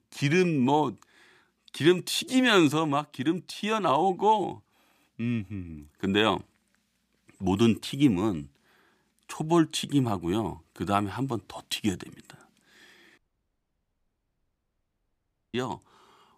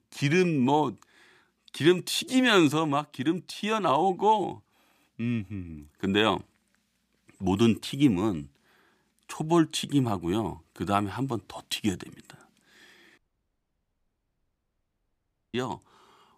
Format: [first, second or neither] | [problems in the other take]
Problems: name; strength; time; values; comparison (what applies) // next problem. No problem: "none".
neither | audio cutting out; at 13 s for 2.5 s; the same in both